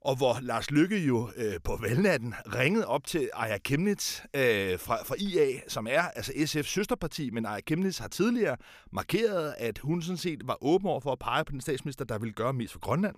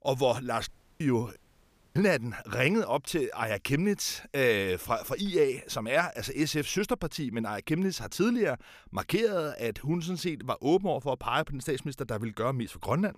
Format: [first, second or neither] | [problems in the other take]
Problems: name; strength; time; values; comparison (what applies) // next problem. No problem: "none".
first | audio cutting out; at 0.5 s and at 1.5 s for 0.5 s